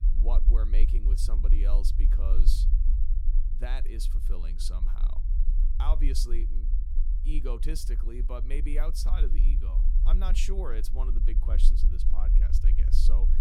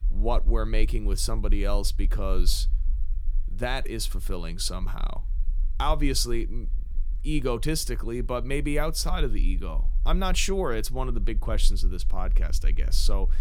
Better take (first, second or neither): second